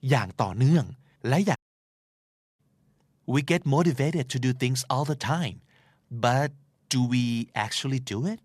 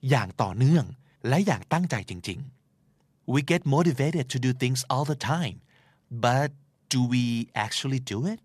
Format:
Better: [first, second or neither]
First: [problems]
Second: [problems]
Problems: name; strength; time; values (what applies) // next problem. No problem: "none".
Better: second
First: audio cutting out; at 1.5 s for 1 s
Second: none